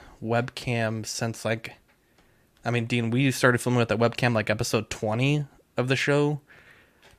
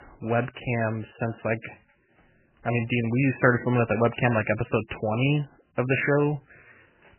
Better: first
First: none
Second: garbled, watery; badly; nothing above 3 kHz

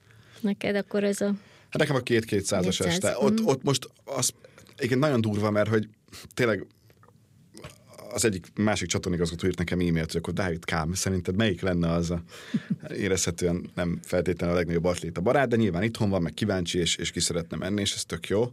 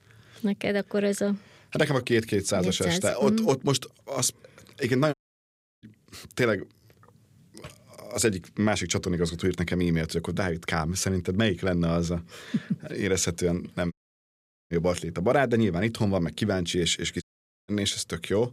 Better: first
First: none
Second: audio cutting out; at 5 s for 0.5 s, at 14 s for 1 s and at 17 s

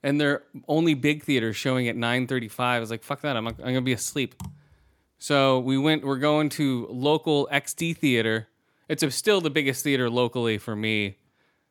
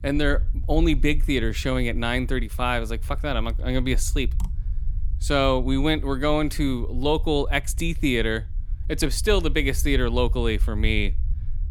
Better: first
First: none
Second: low rumble; faint; throughout; 25 dB below the speech

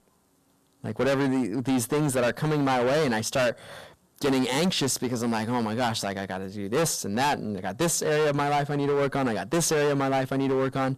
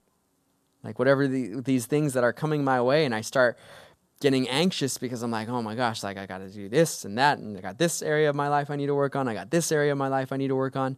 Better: second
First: distortion; heavy; 19% of the sound clipped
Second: none

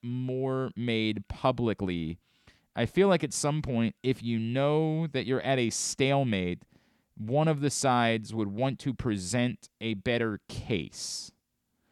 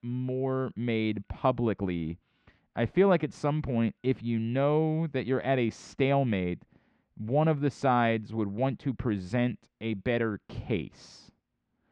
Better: first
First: none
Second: muffled; very; fading above 2.5 kHz

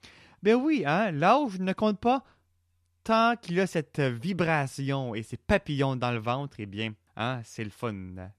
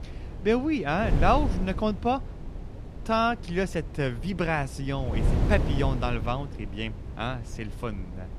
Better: first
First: none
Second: wind noise on the microphone; occasional gusts; 15 dB below the speech

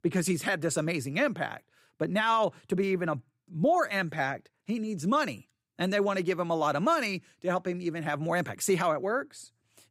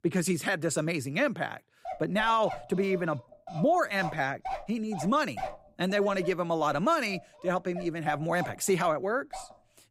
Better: first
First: none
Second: dog barking; noticeable; from 2 s on; peak 7 dB below the speech

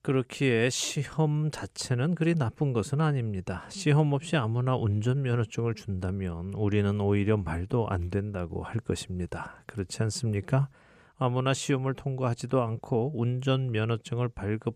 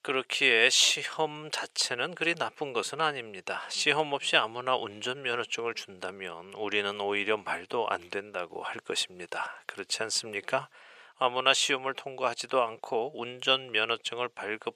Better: first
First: none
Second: thin; very; fading below 650 Hz

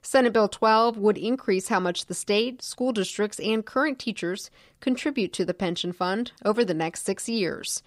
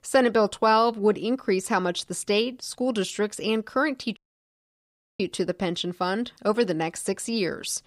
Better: first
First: none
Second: audio cutting out; at 4 s for 1 s

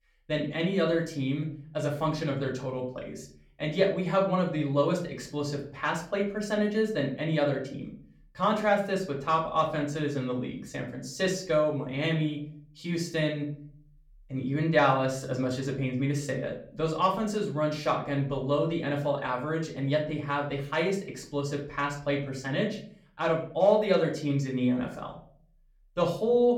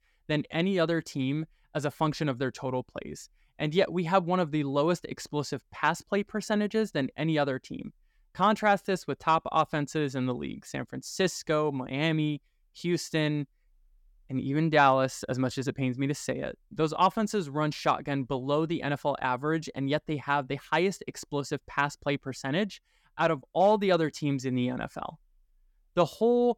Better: second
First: off-mic speech; far // room echo; slight; dies away in 0.4 s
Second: none

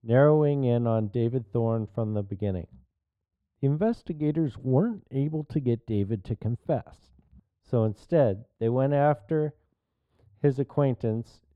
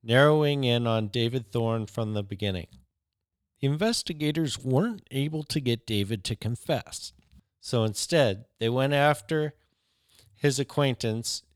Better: second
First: muffled; very; fading above 2 kHz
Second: none

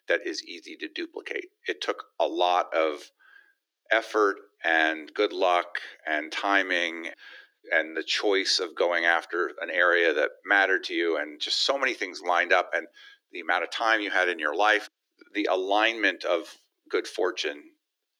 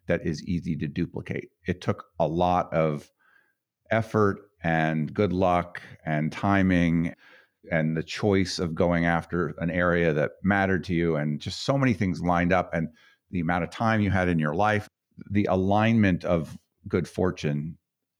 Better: second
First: thin; very; fading below 300 Hz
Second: none

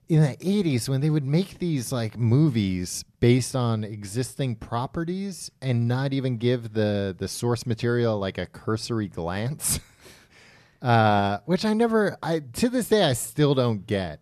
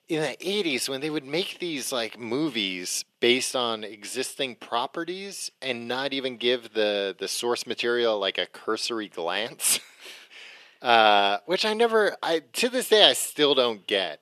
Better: first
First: none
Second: thin; very; fading below 350 Hz

